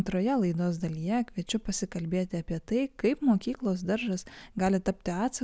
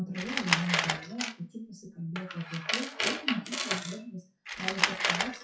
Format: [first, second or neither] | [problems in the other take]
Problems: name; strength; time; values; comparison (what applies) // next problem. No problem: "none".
first | noise reduction (classical method WPE with log-MMSE)